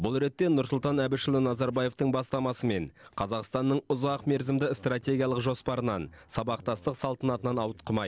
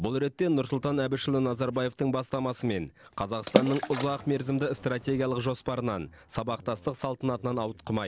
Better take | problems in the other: first | background sound (Water / Splash, splatter); 2 dB below the speech

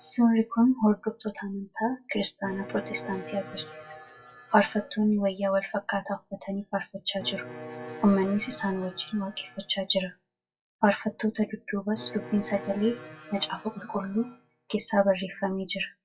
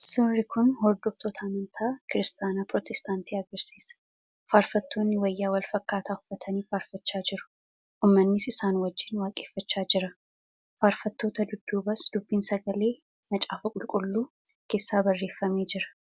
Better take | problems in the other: second | noise reduction (classical method WPE with log-MMSE)

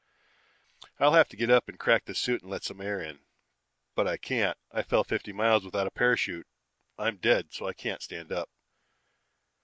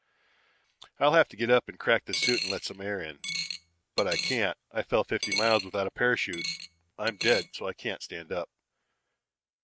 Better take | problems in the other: first | noise reduction (neural mask model RNNoise)

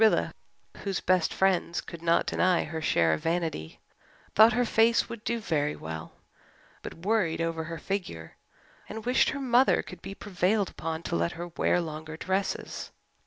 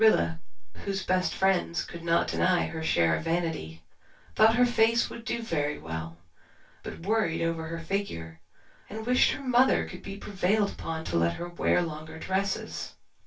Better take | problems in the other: first | room echo; dies away in 0.1 s

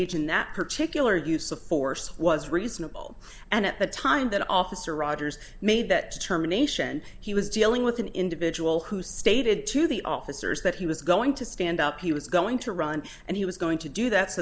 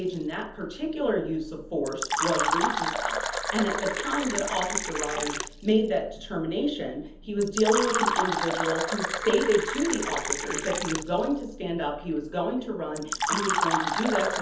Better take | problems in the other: first | background sound (Fill (with liquid)); 2 dB below the speech // room echo; dies away in 0.7 s

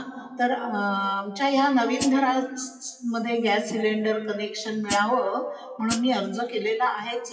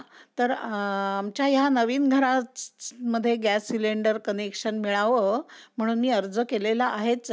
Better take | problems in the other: second | noise reduction (classical method WPE with log-MMSE)

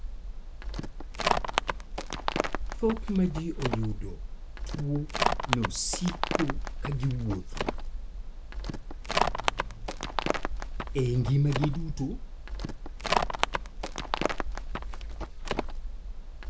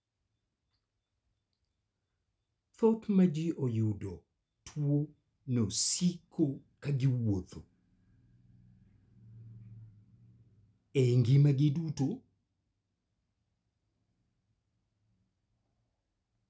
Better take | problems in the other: second | background sound (Livestock, farm animals, working animals); 3 dB above the speech

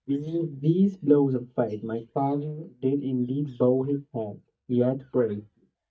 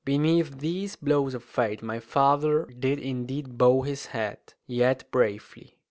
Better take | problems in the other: second | noise reduction (neural mask model DeepFilterNet 3)

